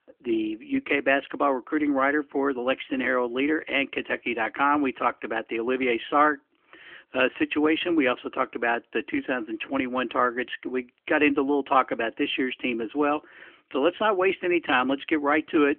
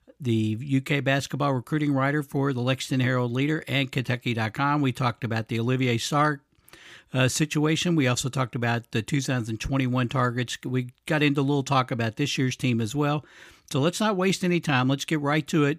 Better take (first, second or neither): second